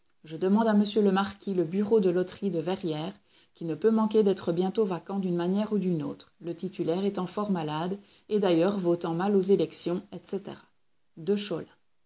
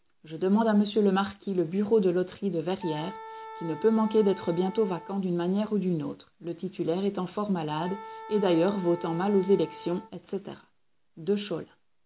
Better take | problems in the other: first | background sound (Wind instrument, woodwind instrument); 16 dB below the speech

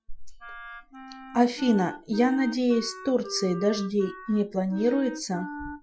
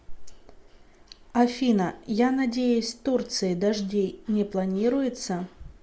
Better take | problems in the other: second | noise reduction (classical method Wiener filter)

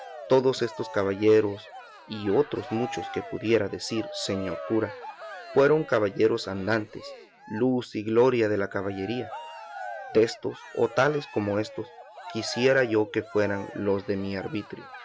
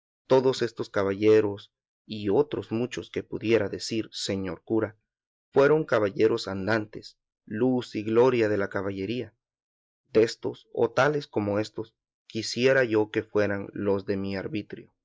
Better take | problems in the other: second | background sound (Cheering); 15 dB below the speech

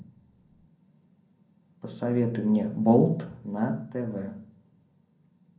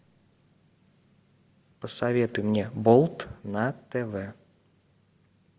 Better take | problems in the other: second | room echo; dies away in 0.5 s

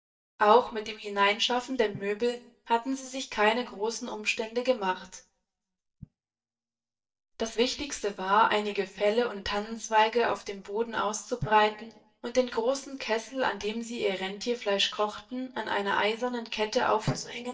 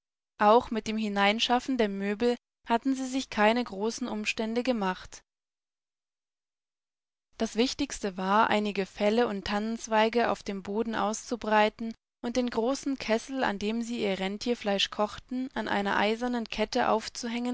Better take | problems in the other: second | noise reduction (neural mask model DeepFilterNet 3)

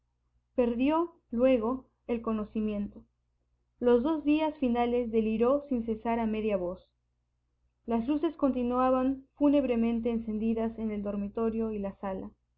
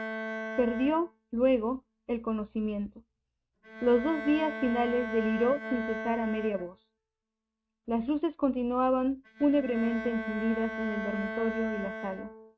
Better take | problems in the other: first | noise reduction (neural mask model RNNoise)

